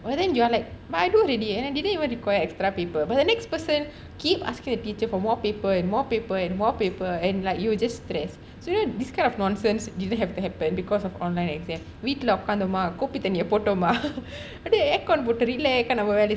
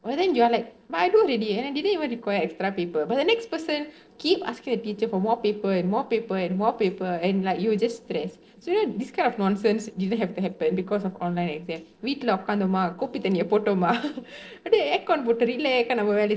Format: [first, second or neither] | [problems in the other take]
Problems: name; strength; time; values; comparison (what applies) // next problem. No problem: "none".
first | noise reduction (neural separator model SepFormer DNS4)